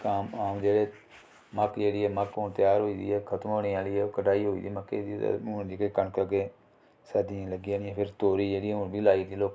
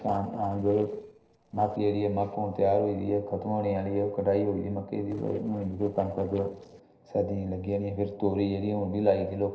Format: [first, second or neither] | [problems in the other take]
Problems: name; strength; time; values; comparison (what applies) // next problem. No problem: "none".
first | noise reduction (neural separator model SepFormer DNS4)